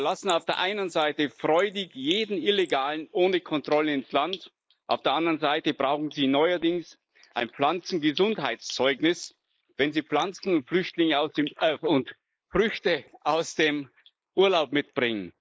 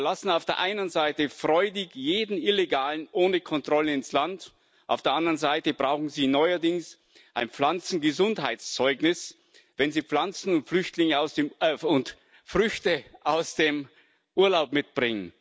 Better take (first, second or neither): second